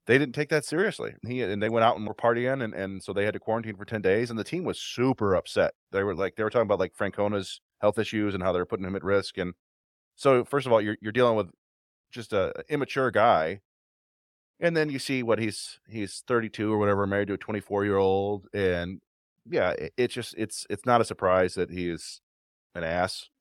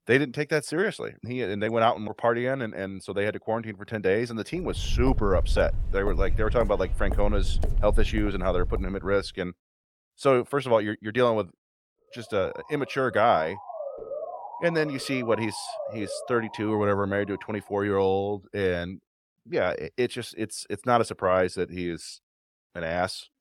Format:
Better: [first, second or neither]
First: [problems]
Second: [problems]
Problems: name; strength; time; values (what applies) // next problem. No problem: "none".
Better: first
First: none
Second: footsteps; noticeable; from 4.5 to 9 s; peak 2 dB below the speech // siren; noticeable; from 12 to 18 s; peak 8 dB below the speech